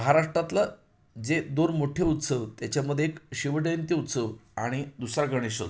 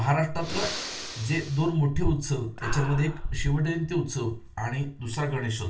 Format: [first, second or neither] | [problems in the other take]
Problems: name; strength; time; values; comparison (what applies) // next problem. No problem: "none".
first | background sound (Breathing); 7 dB below the speech // room echo; dies away in 0.2 s